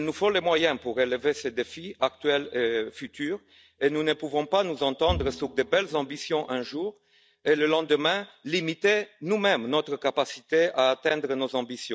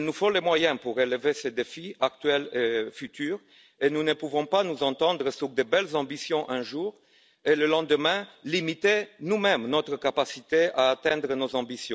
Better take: second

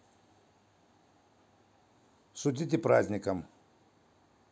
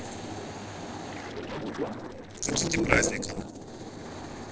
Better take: first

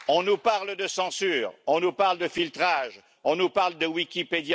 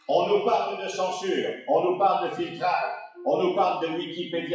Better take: first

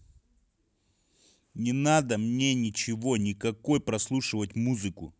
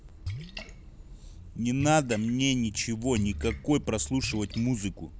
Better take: first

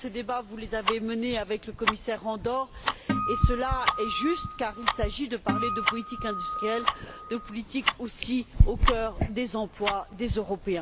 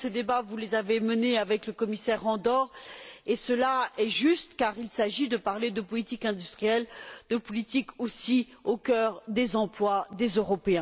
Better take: second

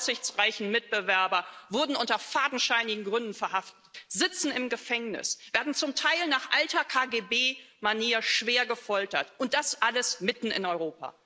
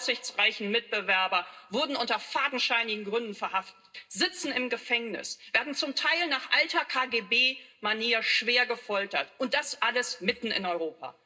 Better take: first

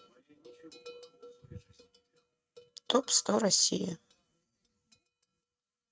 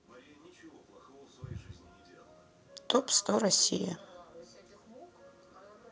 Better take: second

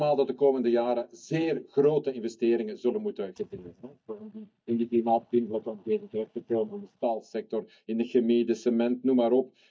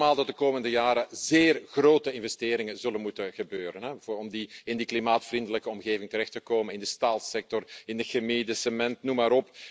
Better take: second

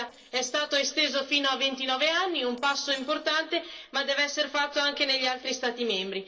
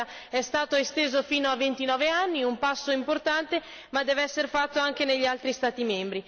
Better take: second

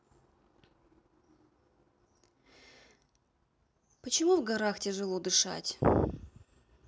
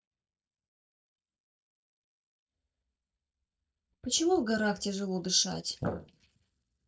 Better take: first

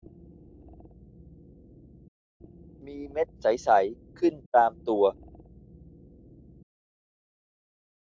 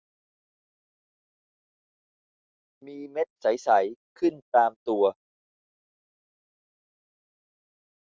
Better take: second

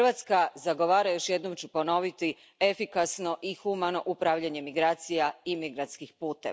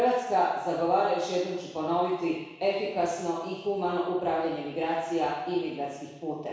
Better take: first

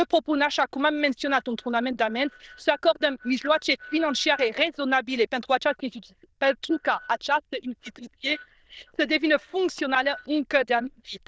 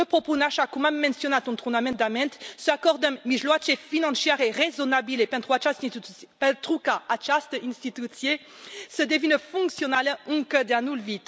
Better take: second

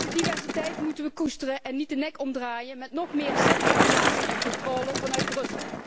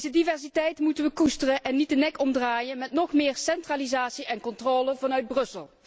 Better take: second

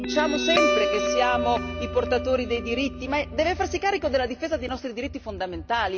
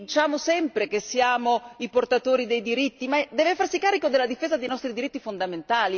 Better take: second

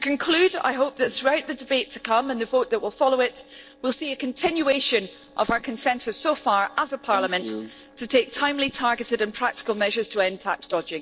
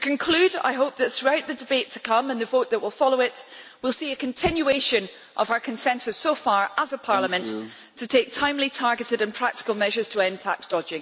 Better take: second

